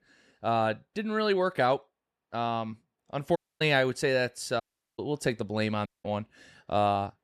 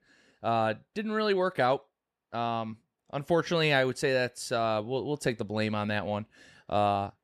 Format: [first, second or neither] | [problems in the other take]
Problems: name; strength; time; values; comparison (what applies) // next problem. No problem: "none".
second | audio cutting out; at 3.5 s, at 4.5 s and at 6 s